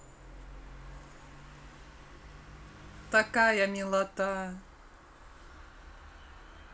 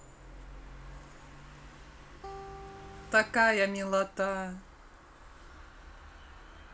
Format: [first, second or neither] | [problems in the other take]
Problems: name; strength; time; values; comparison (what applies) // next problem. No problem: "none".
first | background sound (Acoustic guitar); 17 dB below the speech